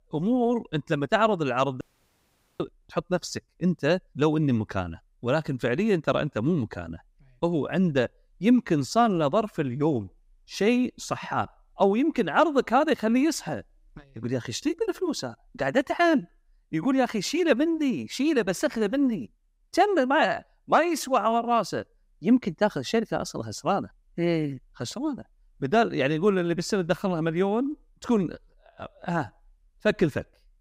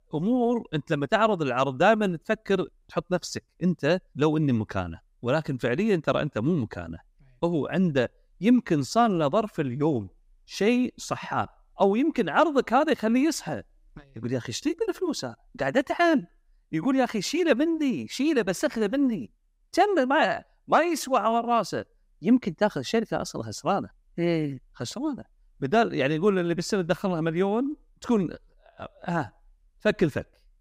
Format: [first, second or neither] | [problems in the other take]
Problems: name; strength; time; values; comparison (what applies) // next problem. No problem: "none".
second | audio cutting out; at 2 s for 1 s